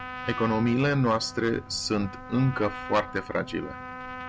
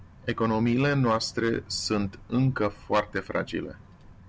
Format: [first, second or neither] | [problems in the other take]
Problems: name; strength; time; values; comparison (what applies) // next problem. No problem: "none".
second | background sound (Trumpet); 12 dB below the speech